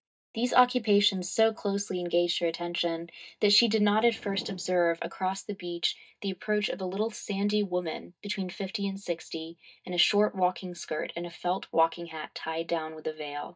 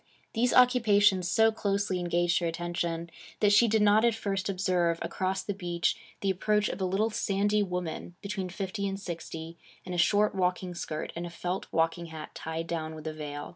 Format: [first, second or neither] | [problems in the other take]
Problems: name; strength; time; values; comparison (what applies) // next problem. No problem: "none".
second | noise reduction (neural mask model DeepFilterNet 3)